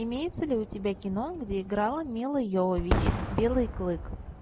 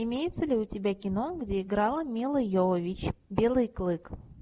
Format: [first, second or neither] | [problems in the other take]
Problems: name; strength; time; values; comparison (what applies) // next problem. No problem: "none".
second | background sound (Fireworks); 5 dB below the speech